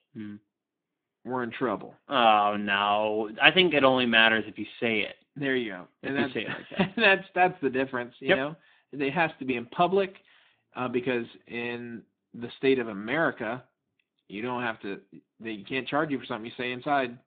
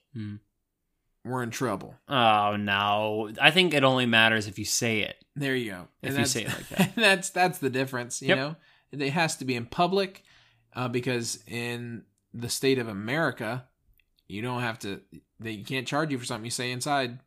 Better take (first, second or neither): second